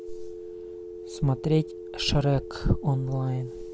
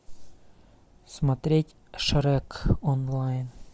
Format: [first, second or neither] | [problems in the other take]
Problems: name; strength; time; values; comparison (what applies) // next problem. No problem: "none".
second | background sound (Telephone); 12 dB below the speech